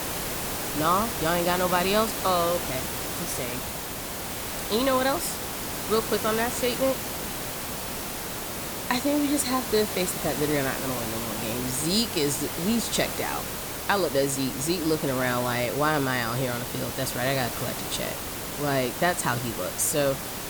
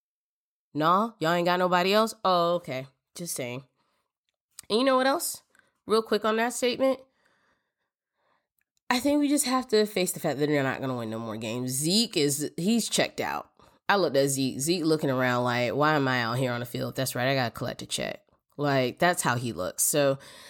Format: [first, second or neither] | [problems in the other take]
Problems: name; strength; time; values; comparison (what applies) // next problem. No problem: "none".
second | hiss; loud; throughout; 4 dB below the speech